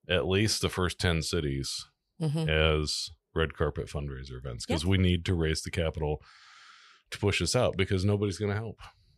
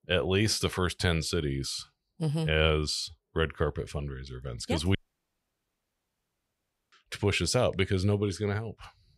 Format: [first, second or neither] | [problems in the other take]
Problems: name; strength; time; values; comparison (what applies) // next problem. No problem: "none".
first | audio cutting out; at 5 s for 2 s